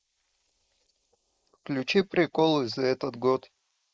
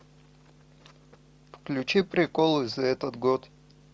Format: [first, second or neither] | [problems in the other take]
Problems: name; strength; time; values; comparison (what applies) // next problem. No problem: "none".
second | noise reduction (neural mask model Resemble Enhance denoiser)